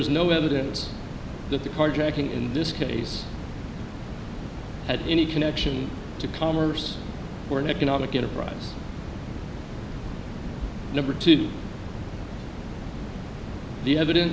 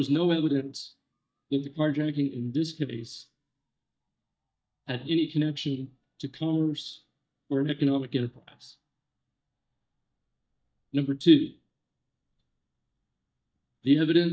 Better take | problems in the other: first | noise reduction (neural mask model DeepFilterNet 3)

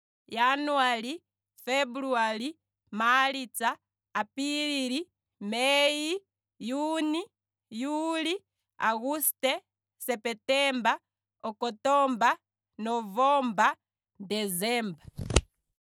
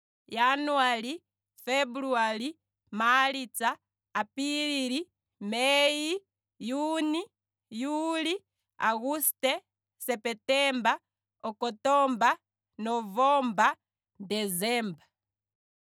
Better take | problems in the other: second | background sound (Scissors); 2 dB below the speech

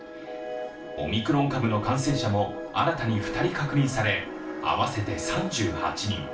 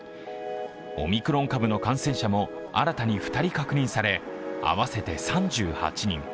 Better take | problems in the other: second | room echo; dies away in 0.4 s

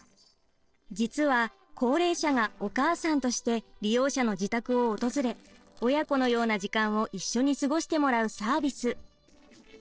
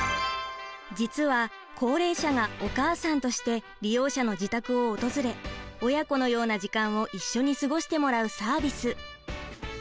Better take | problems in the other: second | noise reduction (neural separator model SepFormer DNS4)

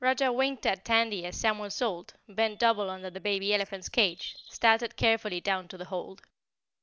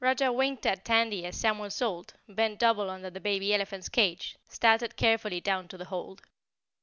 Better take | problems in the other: second | noise reduction (neural separator model SepFormer DNS4)

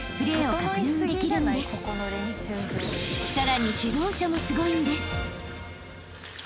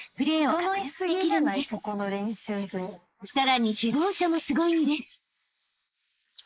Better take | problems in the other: first | noise reduction (neural mask model Resemble Enhance denoiser)

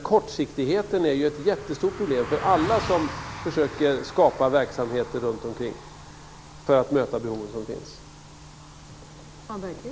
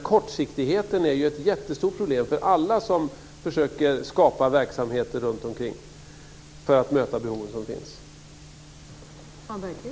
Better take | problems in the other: second | background sound (Car passing by); 14 dB below the speech

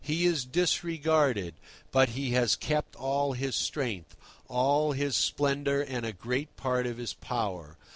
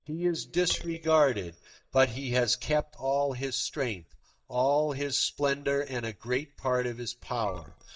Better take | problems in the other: first | noise reduction (neural mask model DeepFilterNet 3)

